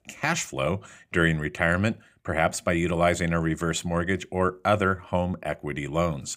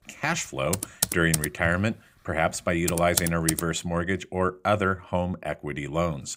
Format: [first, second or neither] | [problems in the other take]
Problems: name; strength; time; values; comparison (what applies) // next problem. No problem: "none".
first | keyboard typing; loud; from 0.5 to 3.5 s; peak 1 dB above the speech